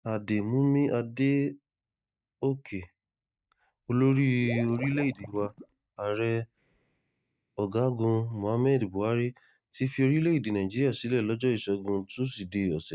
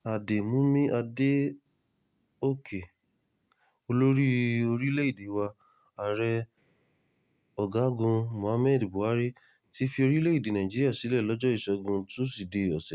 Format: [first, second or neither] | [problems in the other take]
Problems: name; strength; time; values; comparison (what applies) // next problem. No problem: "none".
second | noise reduction (neural mask model DeepFilterNet 3)